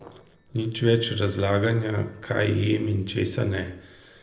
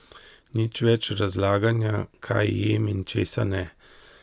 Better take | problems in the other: second | noise reduction (neural separator model SepFormer DNS4)

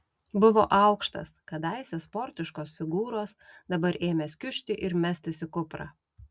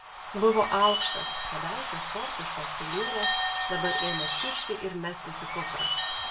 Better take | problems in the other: first | background sound (Bird / Bell); as loud as the speech // room echo; dies away in 0.2 s

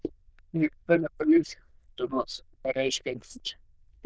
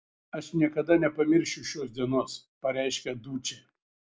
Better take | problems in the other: second | noise reduction (neural diffusion model UNIVERSE++)

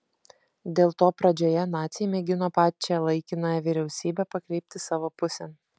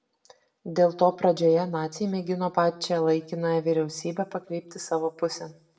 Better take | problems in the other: first | room echo; dies away in 0.5 s

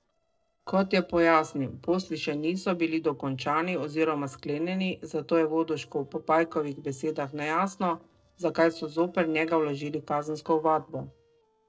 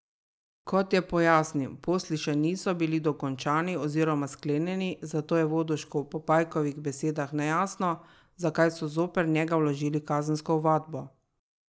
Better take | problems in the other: second | noise reduction (neural separator model SepFormer DNS4)

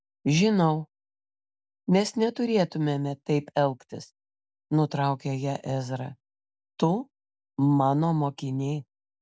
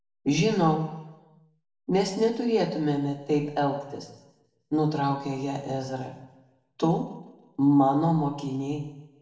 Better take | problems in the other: first | room echo; dies away in 0.8 s

